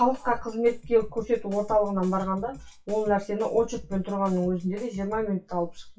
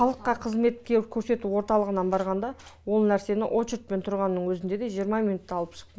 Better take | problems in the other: second | noise reduction (classical method WPE with log-MMSE)

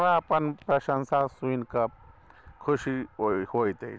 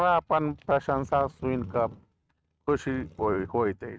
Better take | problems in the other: first | noise reduction (neural mask model RNNoise)

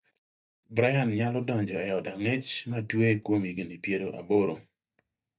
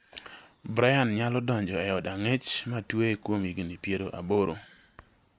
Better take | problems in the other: second | noise reduction (neural mask model DeepFilterNet 3)

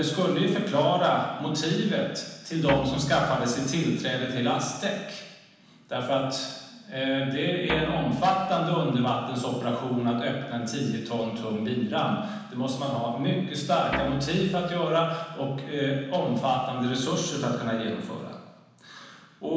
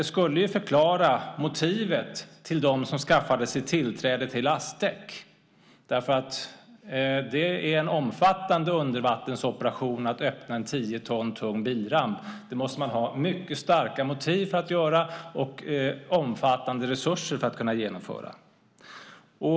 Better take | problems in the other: second | background sound (Guitar); 9 dB below the speech // room echo; dies away in 1.1 s

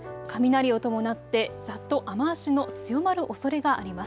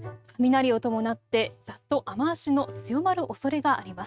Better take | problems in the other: first | noise reduction (neural mask model RNNoise)

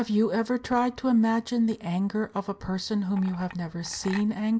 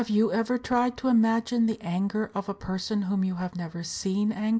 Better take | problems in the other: second | background sound (Chink, clink); 18 dB below the speech

